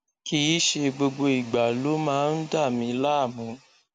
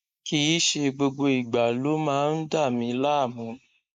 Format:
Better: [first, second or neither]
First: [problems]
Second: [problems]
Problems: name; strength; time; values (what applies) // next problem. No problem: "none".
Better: first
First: none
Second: noise reduction (neural mask model Resemble Enhance denoiser)